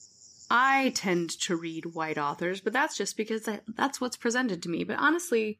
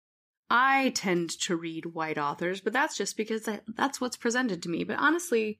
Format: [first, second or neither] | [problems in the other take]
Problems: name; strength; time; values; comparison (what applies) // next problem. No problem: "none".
second | animal sounds; faint; throughout; 25 dB below the speech